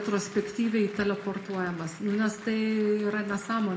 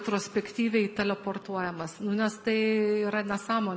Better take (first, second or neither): second